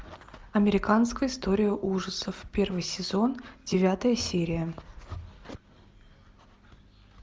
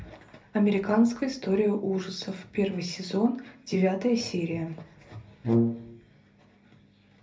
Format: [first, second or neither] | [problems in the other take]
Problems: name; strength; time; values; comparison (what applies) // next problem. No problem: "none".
first | background sound (Brass instrument); 2 dB above the speech // room echo; dies away in 0.3 s